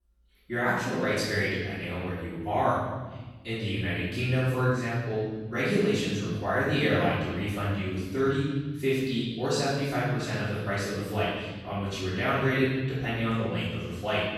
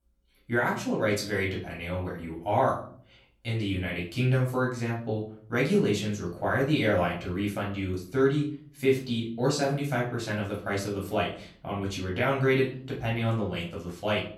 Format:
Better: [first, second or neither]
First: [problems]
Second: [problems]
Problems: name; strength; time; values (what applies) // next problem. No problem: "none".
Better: second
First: room echo; strong; dies away in 1.6 s // off-mic speech; far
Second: room echo; slight; dies away in 0.4 s // off-mic speech; far